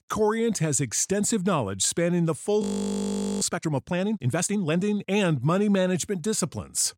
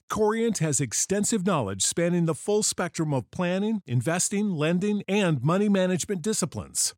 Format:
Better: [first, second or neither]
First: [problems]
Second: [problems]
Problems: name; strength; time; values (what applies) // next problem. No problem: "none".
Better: second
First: audio freezing; at 2.5 s for 1 s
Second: none